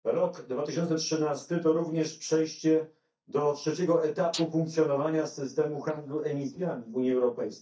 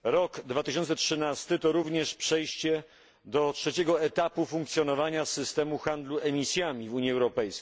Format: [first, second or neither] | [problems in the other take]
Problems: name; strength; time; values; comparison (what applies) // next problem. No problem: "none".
second | noise reduction (neural mask model DeepFilterNet 3)